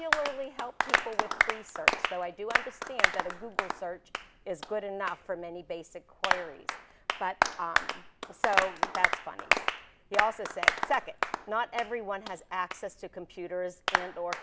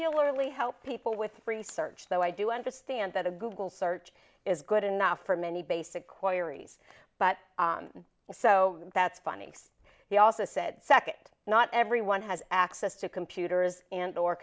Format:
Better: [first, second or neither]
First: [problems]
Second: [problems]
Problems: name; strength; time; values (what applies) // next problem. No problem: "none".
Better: second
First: background sound (Applause); 4 dB above the speech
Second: none